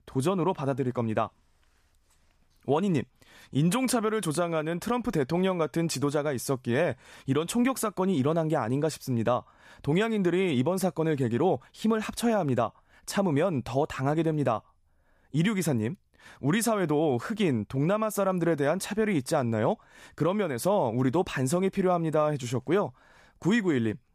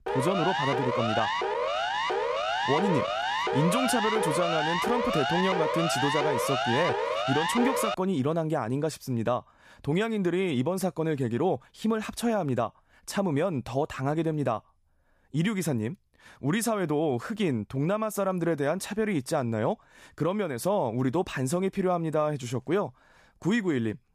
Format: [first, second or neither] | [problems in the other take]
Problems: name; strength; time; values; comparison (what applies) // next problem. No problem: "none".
first | siren; loud; until 8 s; peak 1 dB above the speech